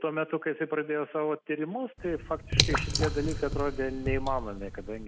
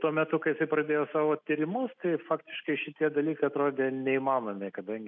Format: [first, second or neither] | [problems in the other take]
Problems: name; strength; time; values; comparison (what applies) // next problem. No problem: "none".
second | background sound (Drip / Water); 1 dB above the speech